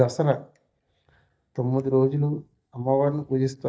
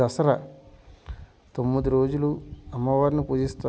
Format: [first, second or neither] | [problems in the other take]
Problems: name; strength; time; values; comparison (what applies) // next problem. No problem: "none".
second | noise reduction (neural mask model DeepFilterNet 3)